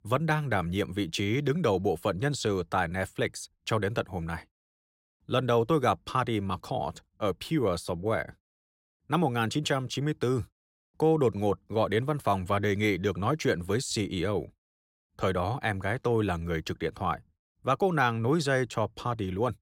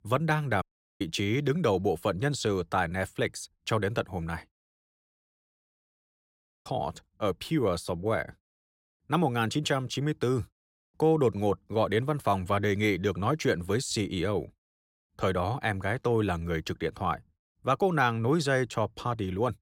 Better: first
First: none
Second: audio cutting out; at 0.5 s and at 5 s for 1.5 s

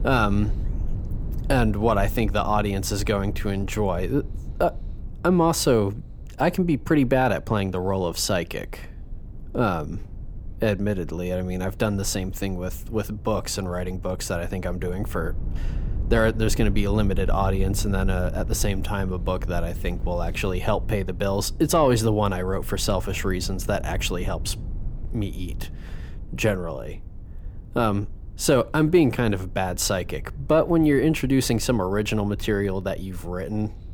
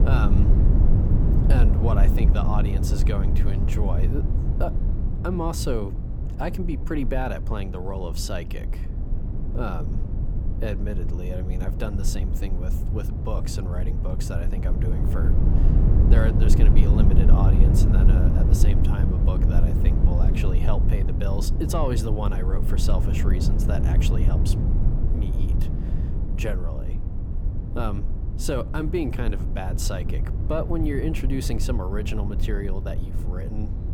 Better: first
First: low rumble; faint; throughout; 25 dB below the speech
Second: low rumble; loud; throughout; 4 dB below the speech

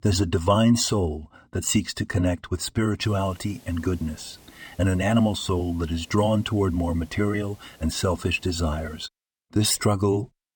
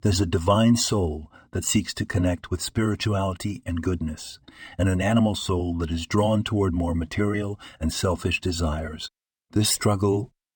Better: second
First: hiss; faint; from 3 to 9 s; 25 dB below the speech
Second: none

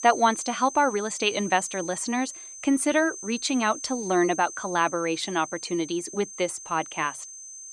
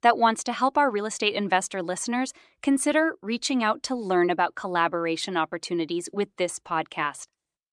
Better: second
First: high-pitched whine; noticeable; throughout; 6.5 kHz, 10 dB below the speech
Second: none

